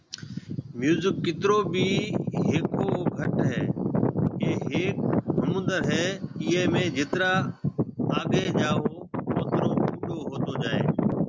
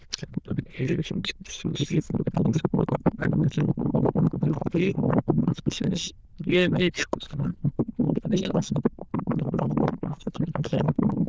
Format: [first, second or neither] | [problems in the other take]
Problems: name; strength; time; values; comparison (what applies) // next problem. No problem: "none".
first | noise reduction (neural diffusion model UNIVERSE++)